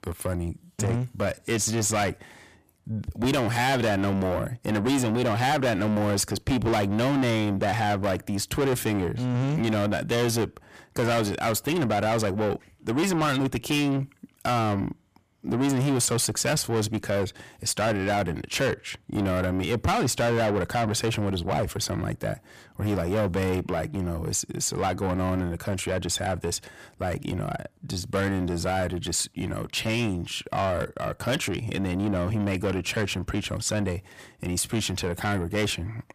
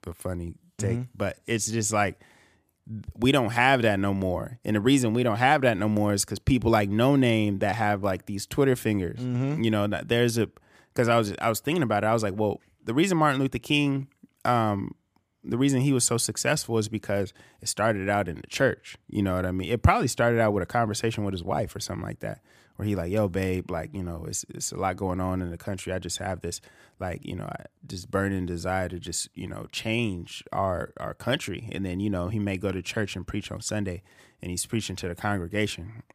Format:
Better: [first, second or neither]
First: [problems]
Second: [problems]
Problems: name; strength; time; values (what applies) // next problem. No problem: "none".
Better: second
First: distortion; heavy; 6 dB below the speech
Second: none